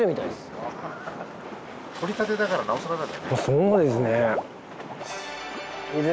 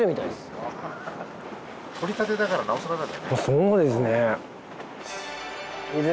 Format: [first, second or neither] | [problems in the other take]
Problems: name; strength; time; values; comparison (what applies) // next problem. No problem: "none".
second | background sound (Water / Liquid); 14 dB below the speech